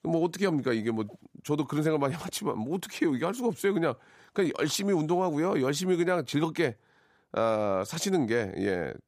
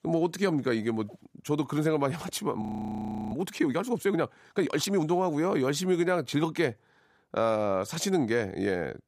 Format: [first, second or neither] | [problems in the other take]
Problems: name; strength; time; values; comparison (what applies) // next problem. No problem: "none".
first | audio freezing; at 2.5 s for 0.5 s